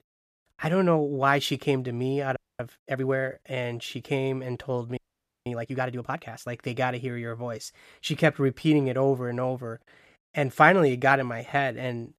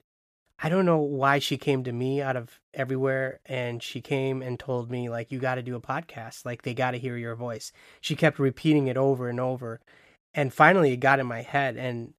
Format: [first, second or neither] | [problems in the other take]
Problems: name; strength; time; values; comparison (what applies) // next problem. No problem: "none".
second | audio freezing; at 2.5 s and at 5 s